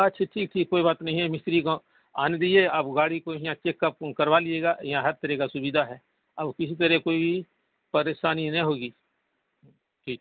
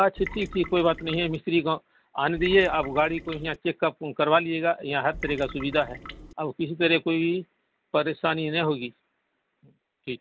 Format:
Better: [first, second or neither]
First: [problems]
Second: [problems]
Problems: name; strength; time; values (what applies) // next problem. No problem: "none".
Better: first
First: none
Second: background sound (Trickle, dribble / Water tap, faucet); 13 dB below the speech